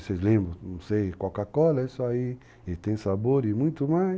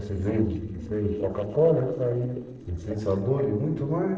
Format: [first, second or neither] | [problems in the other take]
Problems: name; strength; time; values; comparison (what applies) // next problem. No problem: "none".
first | noise reduction (neural separator model SepFormer DNS4)